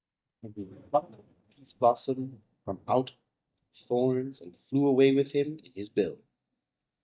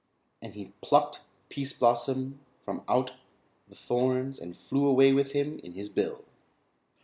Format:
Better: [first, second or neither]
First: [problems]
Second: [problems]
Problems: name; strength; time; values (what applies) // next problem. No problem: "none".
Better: second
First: noise reduction (neural mask model DeepFilterNet 3)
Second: none